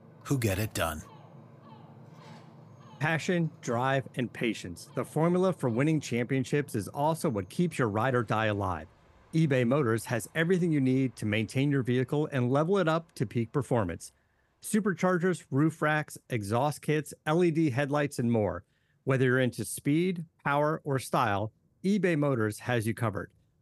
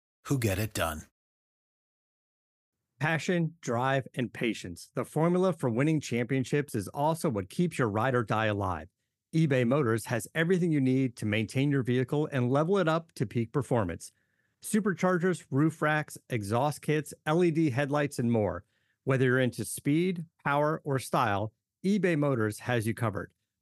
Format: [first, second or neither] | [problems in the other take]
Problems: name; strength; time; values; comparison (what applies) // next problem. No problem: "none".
second | rain or running water; faint; throughout; 25 dB below the speech